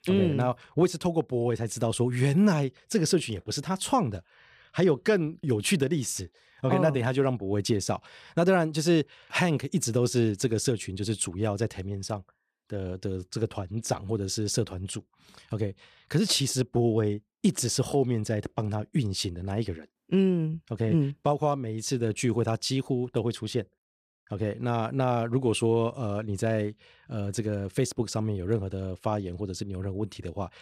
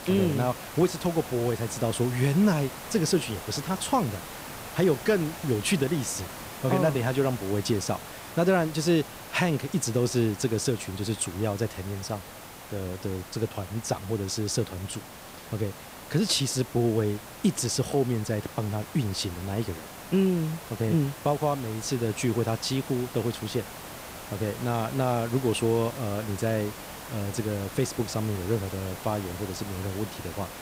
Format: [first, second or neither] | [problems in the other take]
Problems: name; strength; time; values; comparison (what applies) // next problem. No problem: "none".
first | hiss; noticeable; throughout; 10 dB below the speech